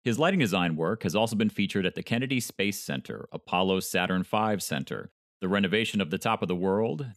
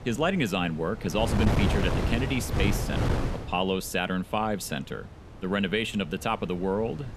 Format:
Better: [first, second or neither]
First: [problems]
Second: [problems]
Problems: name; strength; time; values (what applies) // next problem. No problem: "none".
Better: first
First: none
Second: wind noise on the microphone; heavy; 4 dB below the speech